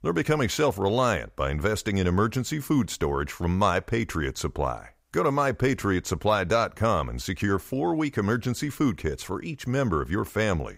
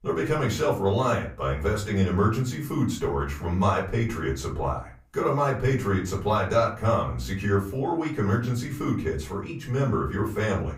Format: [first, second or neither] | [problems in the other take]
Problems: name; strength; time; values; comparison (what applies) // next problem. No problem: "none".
first | off-mic speech; far // room echo; slight; dies away in 0.4 s